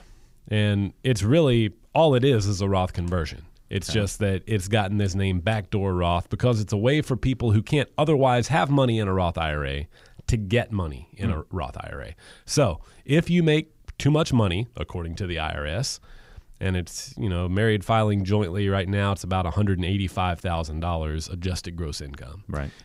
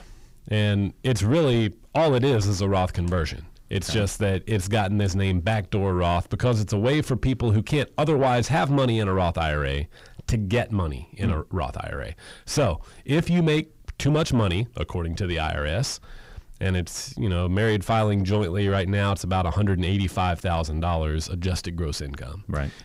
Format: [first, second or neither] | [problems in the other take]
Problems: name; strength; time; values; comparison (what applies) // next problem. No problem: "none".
first | distortion; slight; 10 dB below the speech